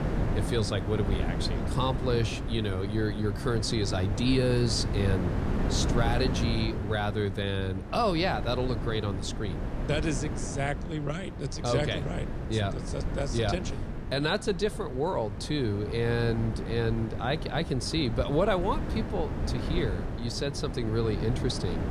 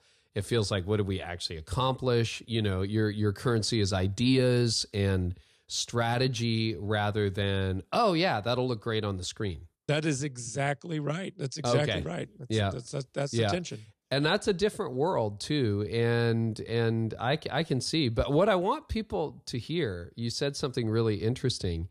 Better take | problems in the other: second | wind noise on the microphone; heavy; 8 dB below the speech

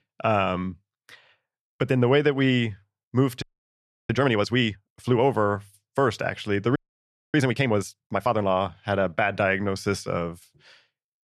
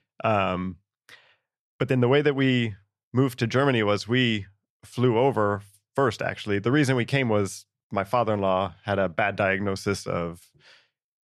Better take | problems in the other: second | audio freezing; at 3.5 s for 0.5 s and at 7 s for 0.5 s

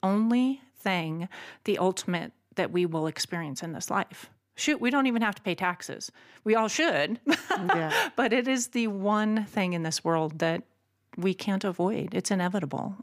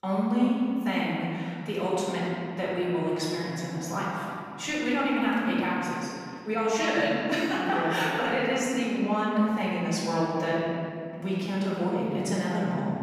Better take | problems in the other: first | off-mic speech; far // room echo; strong; dies away in 2.3 s

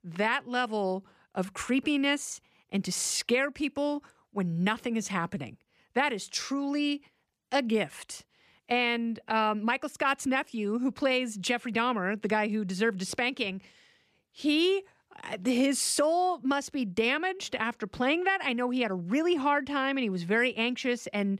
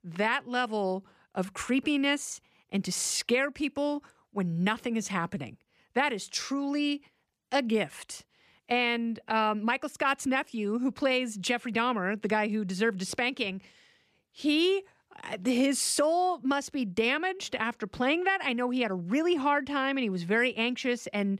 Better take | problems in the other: neither | none

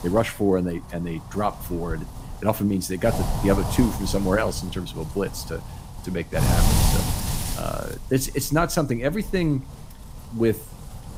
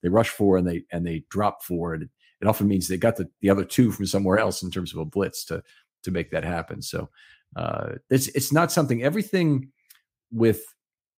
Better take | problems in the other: second | wind noise on the microphone; heavy; 6 dB below the speech

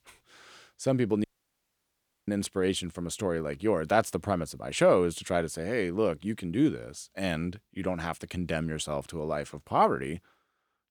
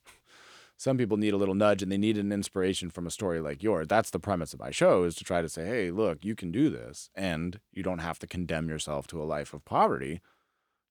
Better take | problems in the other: second | audio cutting out; at 1 s for 1 s

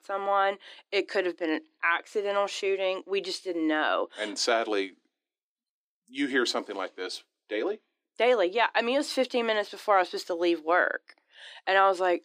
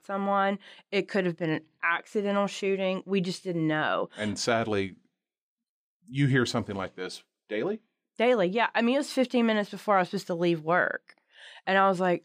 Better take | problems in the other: second | thin; somewhat; fading below 300 Hz

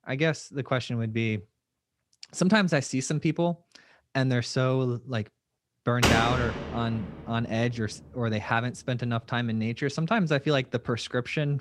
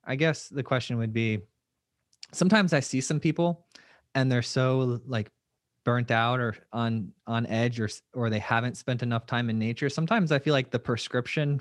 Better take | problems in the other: second | door banging; loud; at 6 s; peak 4 dB above the speech

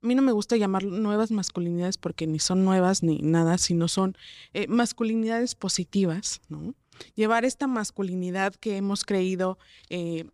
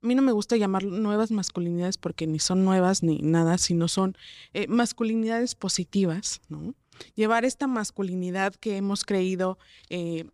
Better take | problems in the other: neither | none

